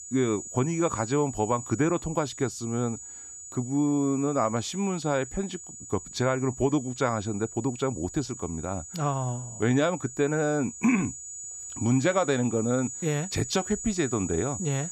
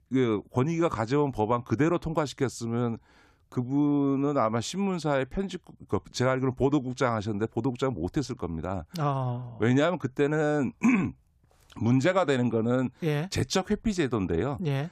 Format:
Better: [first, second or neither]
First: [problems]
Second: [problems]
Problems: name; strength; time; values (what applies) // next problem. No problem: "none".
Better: second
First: high-pitched whine; loud; throughout; 7 kHz, 10 dB below the speech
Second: none